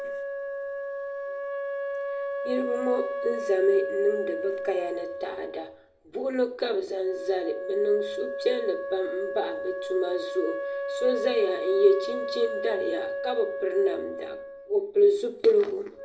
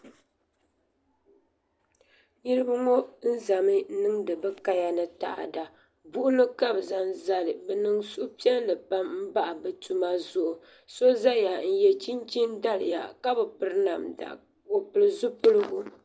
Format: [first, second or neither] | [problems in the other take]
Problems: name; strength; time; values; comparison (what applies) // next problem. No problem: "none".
second | background sound (Wind instrument, woodwind instrument); 6 dB below the speech // room echo; dies away in 0.3 s